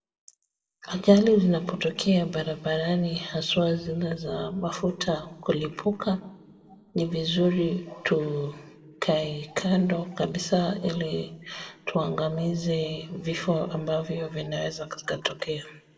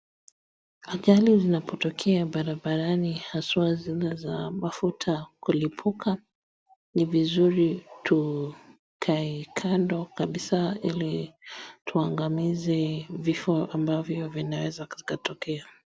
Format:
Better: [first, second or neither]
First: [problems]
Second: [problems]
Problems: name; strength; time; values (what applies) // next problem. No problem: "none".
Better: second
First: room echo; dies away in 0.7 s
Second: none